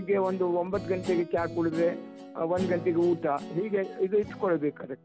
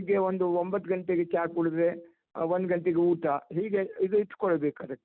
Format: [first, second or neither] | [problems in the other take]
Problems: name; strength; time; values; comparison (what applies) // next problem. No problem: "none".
second | background sound (Guitar); 12 dB below the speech